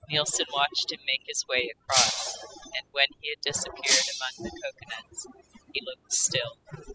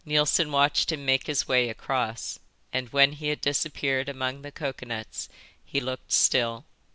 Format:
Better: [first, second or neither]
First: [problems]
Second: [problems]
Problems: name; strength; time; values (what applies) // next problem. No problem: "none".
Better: second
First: noise reduction (classical method spectral subtraction)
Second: none